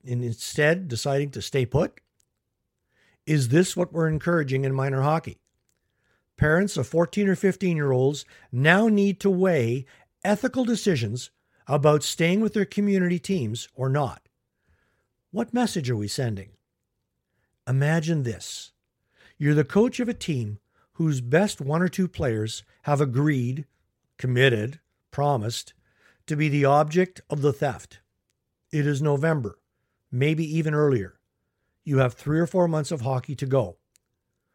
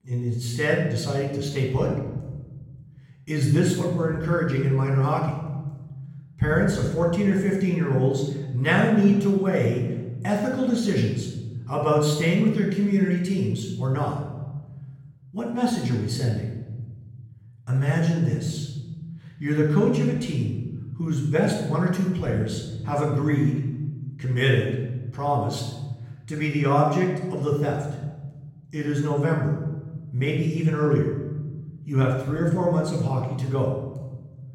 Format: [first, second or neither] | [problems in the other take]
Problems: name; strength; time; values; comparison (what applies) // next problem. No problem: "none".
first | off-mic speech; somewhat distant // room echo; noticeable; dies away in 1.5 s